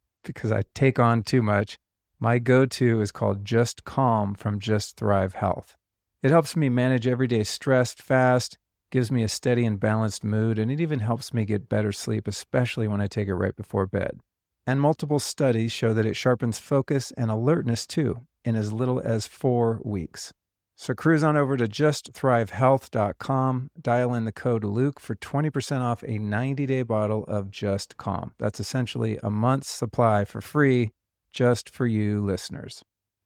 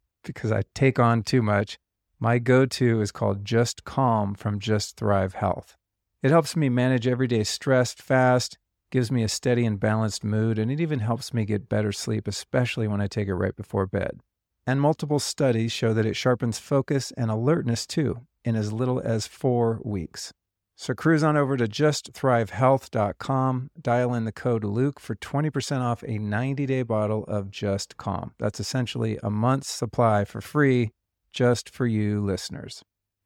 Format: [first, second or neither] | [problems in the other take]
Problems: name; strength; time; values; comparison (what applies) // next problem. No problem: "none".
second | garbled, watery; slightly; nothing above 19.5 kHz